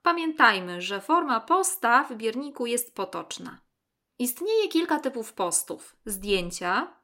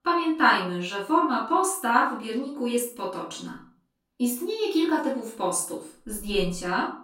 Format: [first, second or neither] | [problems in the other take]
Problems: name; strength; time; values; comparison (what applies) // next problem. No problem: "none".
first | off-mic speech; far // room echo; noticeable; dies away in 0.3 s